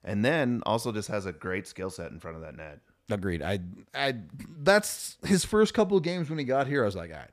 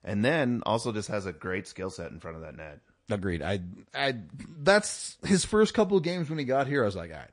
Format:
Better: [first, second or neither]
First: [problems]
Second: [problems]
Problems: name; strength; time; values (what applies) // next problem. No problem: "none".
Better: first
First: none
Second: garbled, watery; slightly